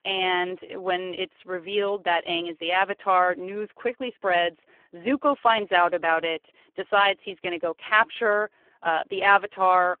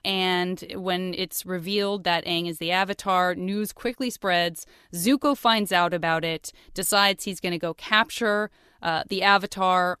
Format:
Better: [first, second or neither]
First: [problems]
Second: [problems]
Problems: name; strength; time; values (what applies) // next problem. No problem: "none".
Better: second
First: phone-call audio; poor line; nothing above 3 kHz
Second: none